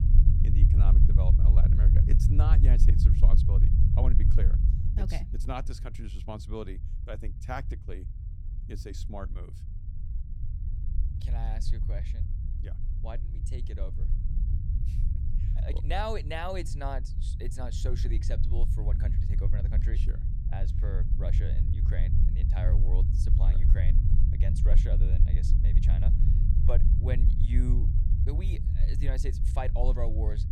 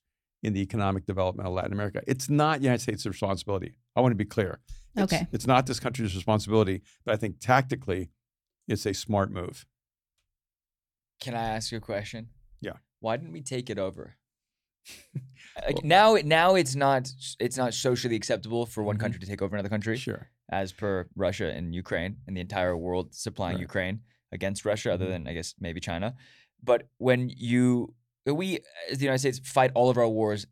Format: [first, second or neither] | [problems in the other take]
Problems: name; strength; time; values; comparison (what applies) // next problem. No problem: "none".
second | low rumble; loud; throughout; 3 dB below the speech